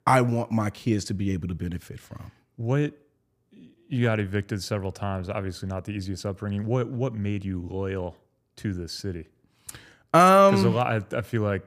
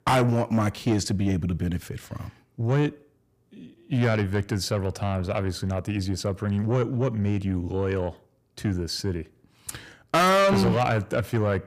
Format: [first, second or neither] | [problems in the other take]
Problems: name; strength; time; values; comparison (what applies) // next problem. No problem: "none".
first | distortion; heavy; 6 dB below the speech